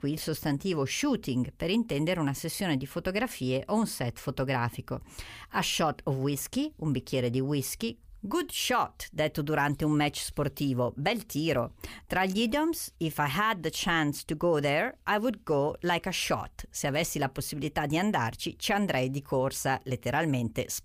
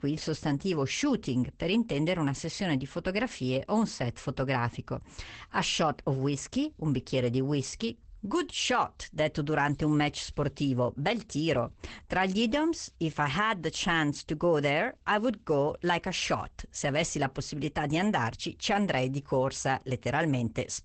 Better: first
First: none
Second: garbled, watery; badly; nothing above 8 kHz

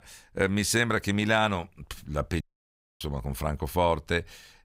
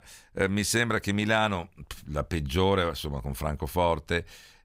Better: second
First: audio cutting out; at 2.5 s for 0.5 s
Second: none

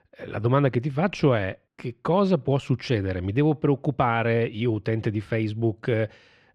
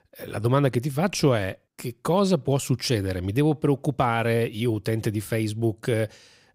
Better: second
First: muffled; slightly; fading above 2.5 kHz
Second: none

